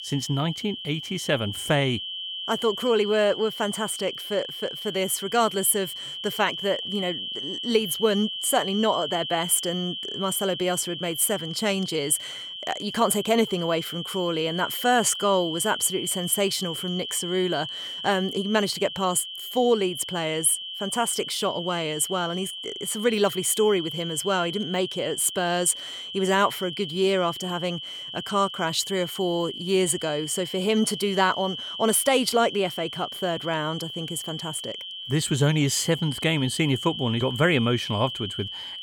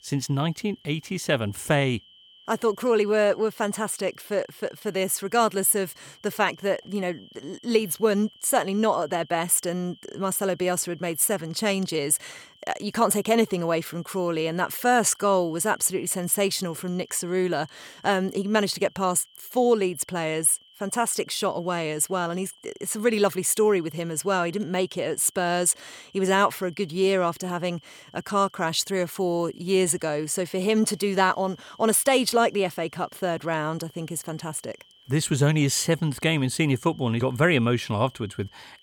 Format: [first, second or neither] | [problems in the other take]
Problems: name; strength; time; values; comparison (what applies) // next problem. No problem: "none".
second | high-pitched whine; loud; throughout; 3 kHz, 7 dB below the speech; faint in the second